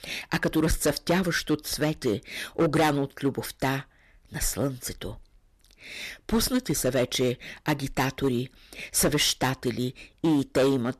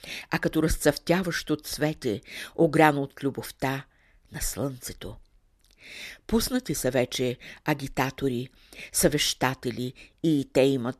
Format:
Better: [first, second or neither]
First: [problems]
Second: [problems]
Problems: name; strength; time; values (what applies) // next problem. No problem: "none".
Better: second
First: distortion; heavy; 6% of the sound clipped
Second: none